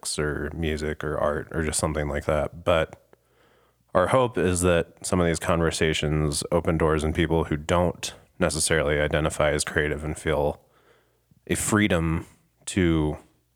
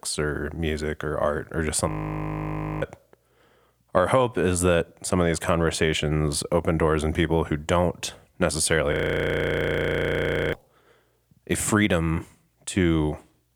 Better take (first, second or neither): first